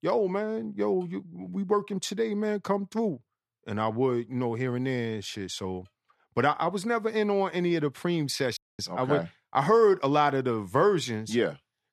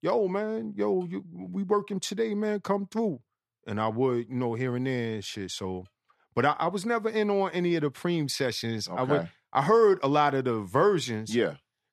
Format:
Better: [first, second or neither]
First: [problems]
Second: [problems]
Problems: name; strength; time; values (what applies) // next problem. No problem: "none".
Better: second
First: audio cutting out; at 8.5 s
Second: none